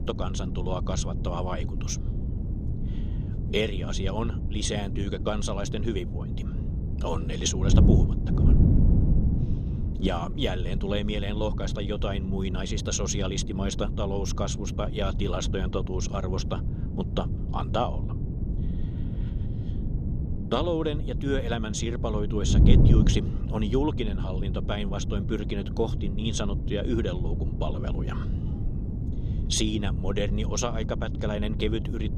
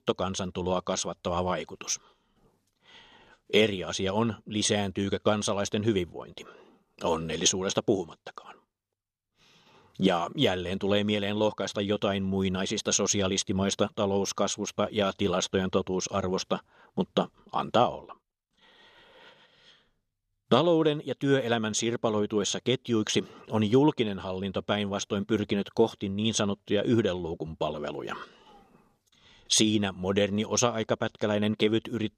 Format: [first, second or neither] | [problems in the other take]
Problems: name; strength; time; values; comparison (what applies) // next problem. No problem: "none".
second | wind noise on the microphone; heavy; 8 dB below the speech